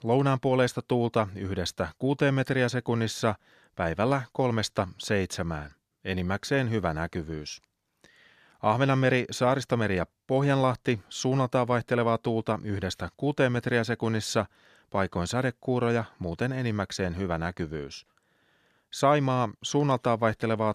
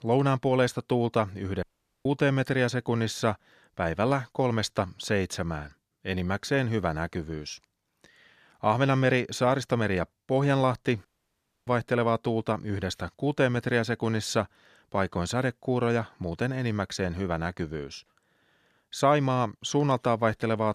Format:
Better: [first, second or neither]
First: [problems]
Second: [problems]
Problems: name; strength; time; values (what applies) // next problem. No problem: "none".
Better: first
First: none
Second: audio cutting out; at 1.5 s and at 11 s for 0.5 s